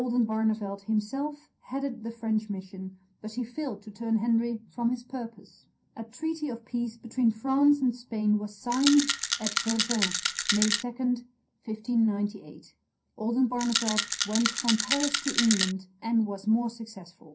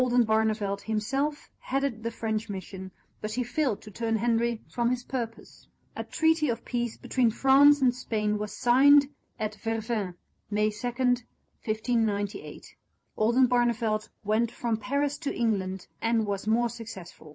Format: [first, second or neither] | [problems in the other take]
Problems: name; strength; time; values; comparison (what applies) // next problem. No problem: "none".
second | background sound (Rattle); 1 dB below the speech // room echo; dies away in 0.3 s